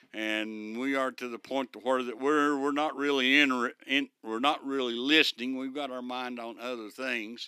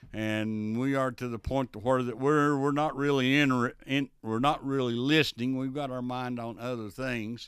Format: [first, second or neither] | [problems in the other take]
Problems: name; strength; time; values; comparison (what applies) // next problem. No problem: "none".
second | thin; very slightly; fading below 300 Hz